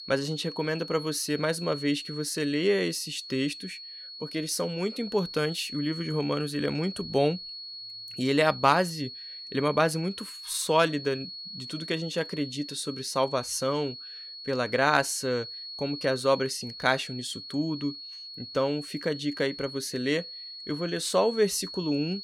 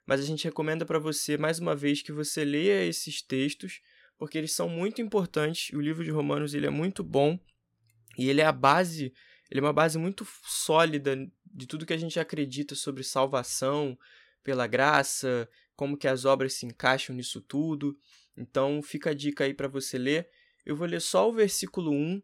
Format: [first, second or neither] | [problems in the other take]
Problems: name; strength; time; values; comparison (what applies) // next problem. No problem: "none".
second | high-pitched whine; noticeable; throughout; 4.5 kHz, 10 dB below the speech